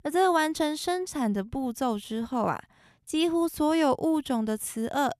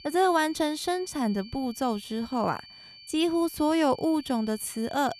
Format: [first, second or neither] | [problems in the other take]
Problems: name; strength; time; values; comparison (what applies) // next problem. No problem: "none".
first | high-pitched whine; noticeable; throughout; 4.5 kHz, 20 dB below the speech